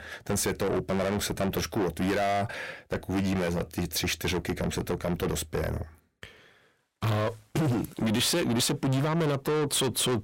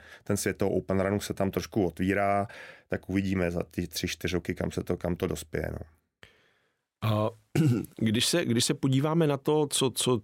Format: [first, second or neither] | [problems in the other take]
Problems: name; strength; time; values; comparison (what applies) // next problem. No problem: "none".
second | distortion; heavy; 5 dB below the speech